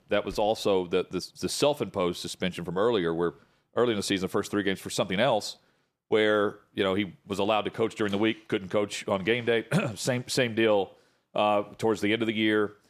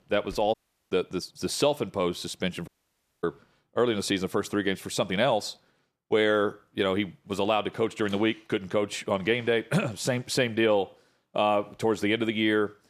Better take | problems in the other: first | audio cutting out; at 0.5 s and at 2.5 s for 0.5 s

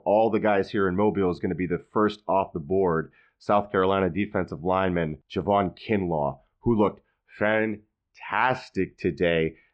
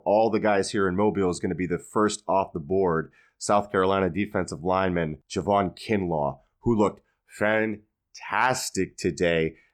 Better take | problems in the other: second | muffled; slightly; fading above 3.5 kHz

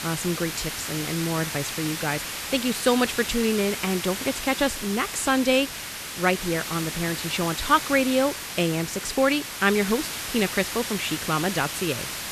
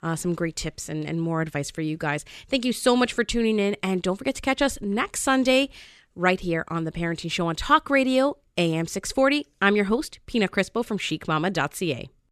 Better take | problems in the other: second | hiss; loud; throughout; 5 dB below the speech

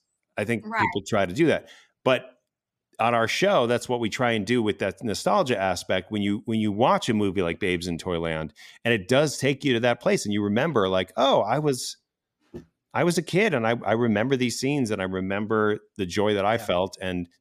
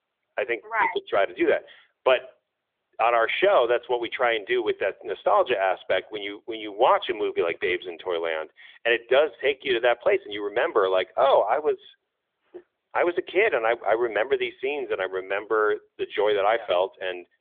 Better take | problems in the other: first | phone-call audio; nothing above 3.5 kHz

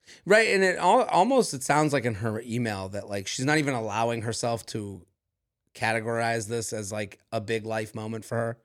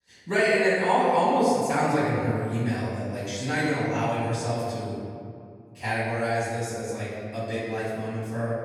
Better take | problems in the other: first | off-mic speech; far // room echo; strong; dies away in 2.2 s

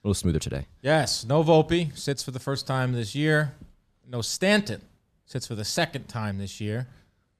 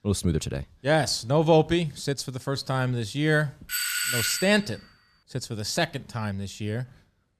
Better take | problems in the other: first | doorbell; loud; at 3.5 s; peak 2 dB above the speech

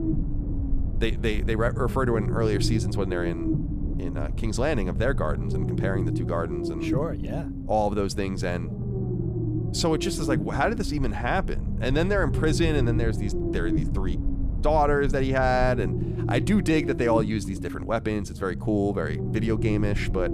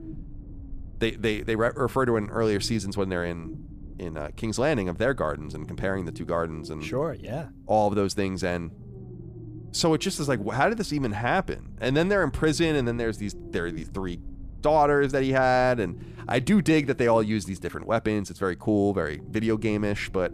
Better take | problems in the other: second | low rumble; loud; throughout; 9 dB below the speech; faint in the second

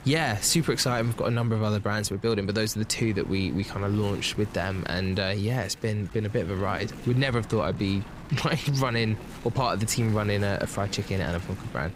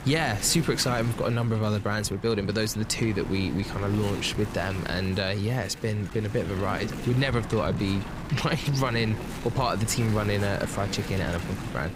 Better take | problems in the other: first | wind noise on the microphone; heavy; 10 dB below the speech; occasional gusts in the first

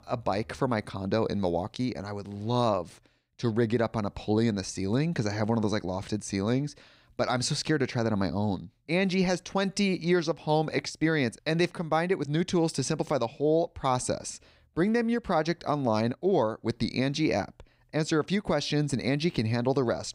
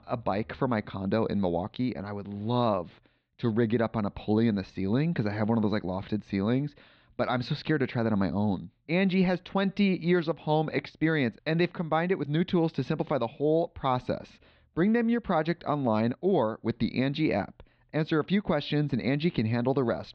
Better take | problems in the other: first | muffled; slightly; fading above 4 kHz

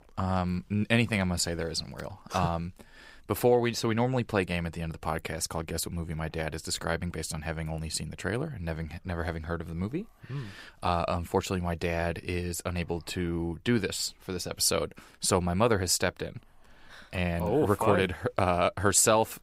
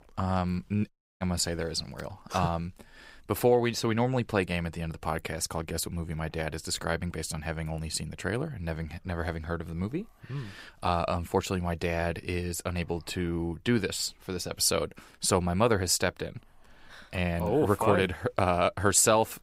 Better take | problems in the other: first | audio cutting out; at 1 s

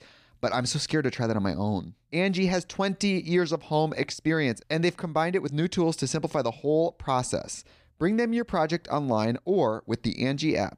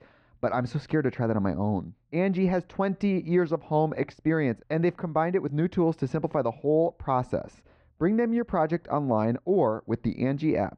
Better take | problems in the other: first | muffled; very; fading above 3.5 kHz

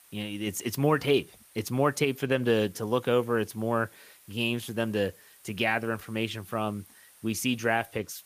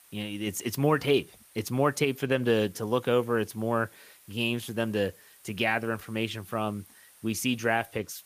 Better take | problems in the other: neither | hiss; faint; throughout; 25 dB below the speech; the same in both

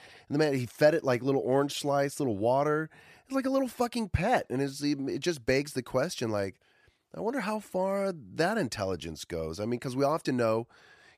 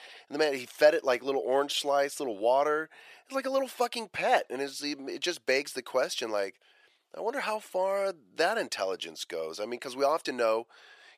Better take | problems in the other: first | thin; somewhat; fading below 500 Hz

